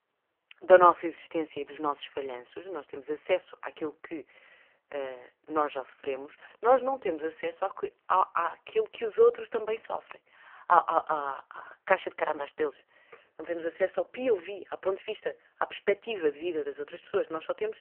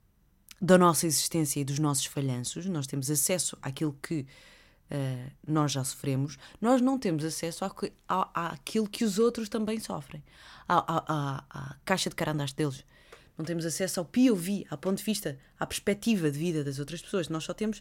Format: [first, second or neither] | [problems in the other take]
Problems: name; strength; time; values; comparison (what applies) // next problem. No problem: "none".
second | phone-call audio; poor line; nothing above 3 kHz